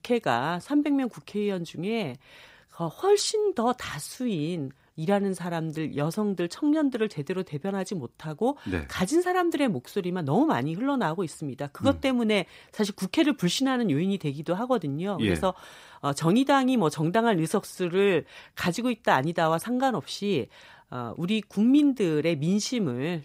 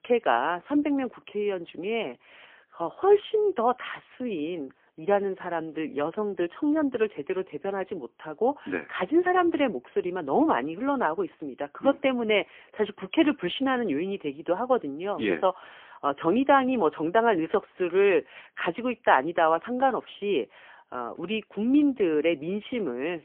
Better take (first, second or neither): first